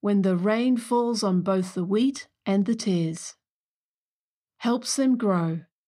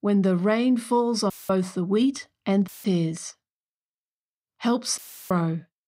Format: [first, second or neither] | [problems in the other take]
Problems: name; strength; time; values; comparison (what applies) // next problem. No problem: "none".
first | audio cutting out; filled with static; at 1.5 s, at 2.5 s and at 5 s